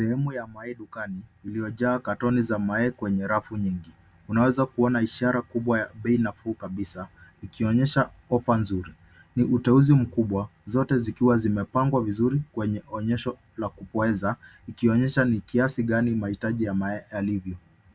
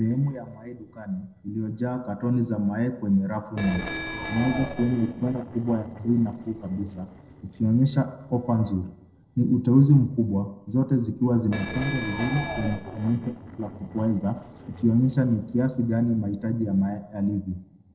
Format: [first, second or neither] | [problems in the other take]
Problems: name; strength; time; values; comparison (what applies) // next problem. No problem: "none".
first | noise reduction (neural separator model SepFormer DNS4)